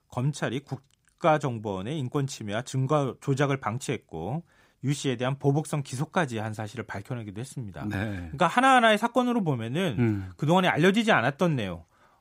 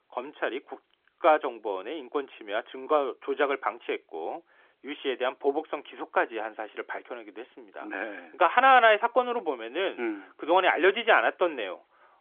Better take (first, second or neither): first